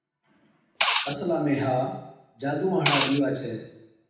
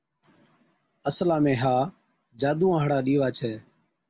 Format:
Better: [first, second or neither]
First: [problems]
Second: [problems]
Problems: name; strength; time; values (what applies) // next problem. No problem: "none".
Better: second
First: background sound (Liquid); as loud as the speech // room echo; dies away in 0.8 s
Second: none